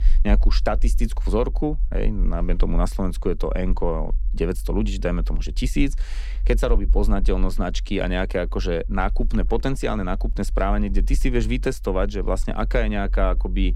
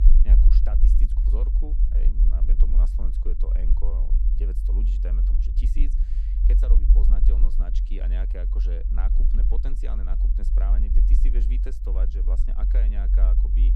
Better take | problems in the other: first | low rumble; loud; throughout; 1 dB below the speech; faint in the first

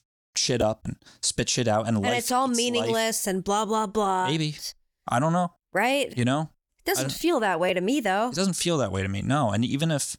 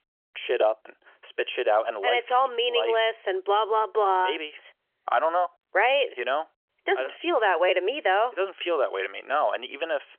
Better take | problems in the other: first | phone-call audio; nothing above 3 kHz

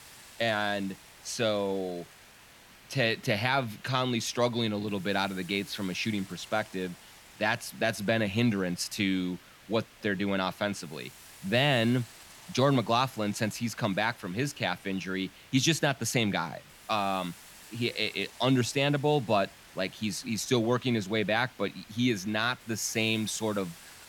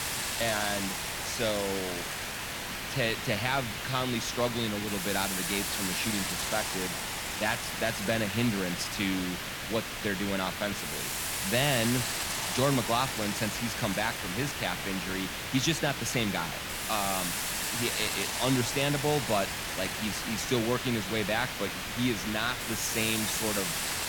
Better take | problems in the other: first | hiss; loud; throughout; 1 dB below the speech; faint in the first

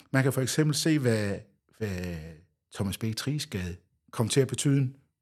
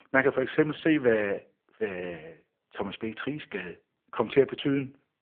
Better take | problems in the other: first | phone-call audio; poor line

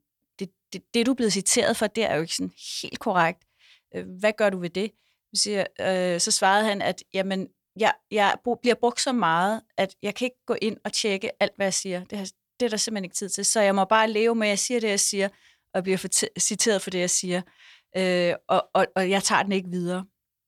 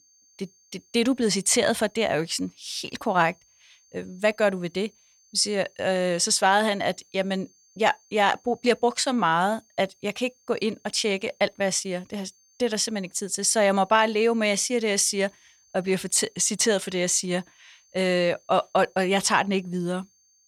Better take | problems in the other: first | high-pitched whine; faint; throughout; 6.5 kHz, 35 dB below the speech

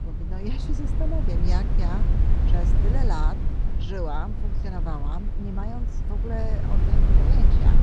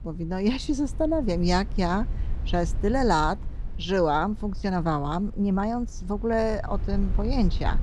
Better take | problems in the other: second | low rumble; loud; throughout; 2 dB below the speech; faint in the second

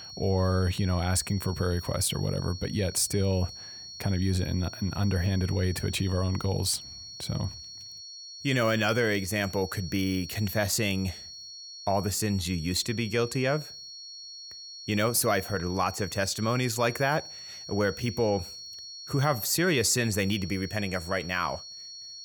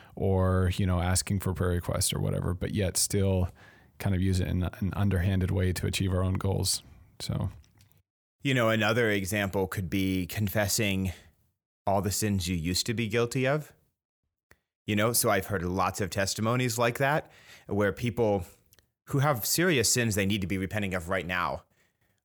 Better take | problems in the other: second | high-pitched whine; noticeable; throughout; 4.5 kHz, 10 dB below the speech

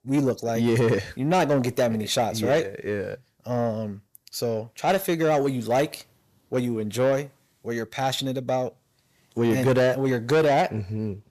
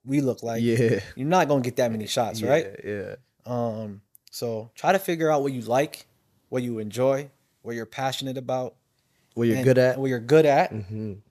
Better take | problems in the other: second | distortion; slight; 10 dB below the speech

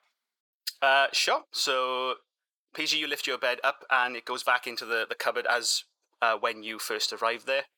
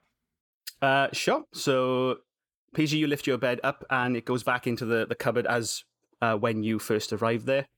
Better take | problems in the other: second | thin; very; fading below 800 Hz

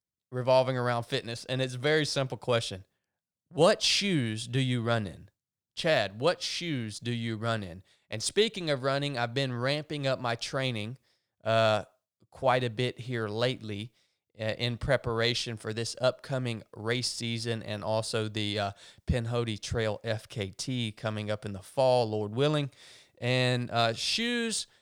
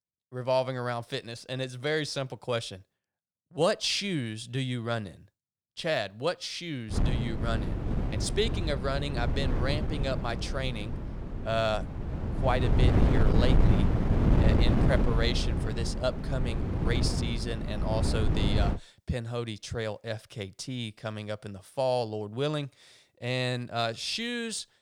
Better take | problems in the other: first | wind noise on the microphone; heavy; from 7 to 19 s; 5 dB below the speech

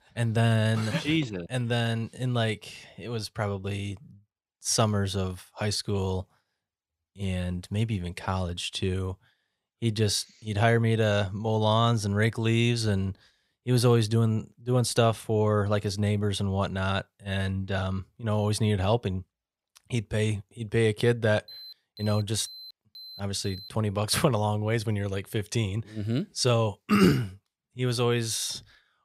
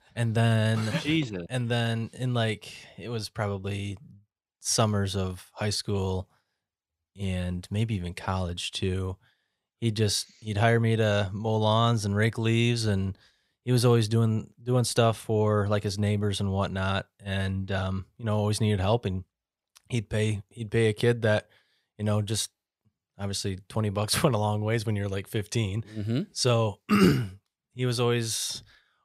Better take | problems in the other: second | alarm; faint; from 21 to 24 s; peak 15 dB below the speech

